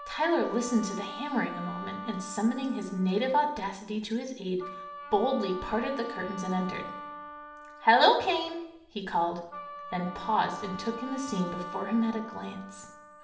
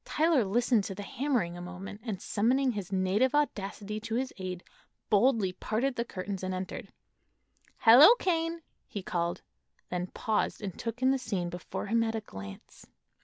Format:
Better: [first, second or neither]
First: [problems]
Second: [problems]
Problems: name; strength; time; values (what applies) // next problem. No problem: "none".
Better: second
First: background sound (Wind instrument, woodwind instrument); 12 dB below the speech // room echo; dies away in 0.8 s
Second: none